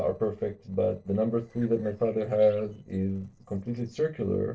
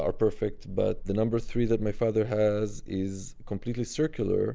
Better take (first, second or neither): second